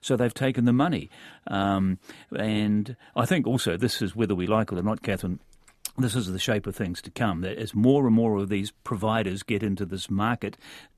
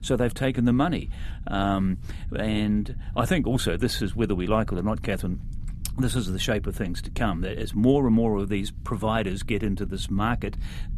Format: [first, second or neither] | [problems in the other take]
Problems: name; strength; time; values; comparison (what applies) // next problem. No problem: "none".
first | low rumble; faint; throughout; 25 dB below the speech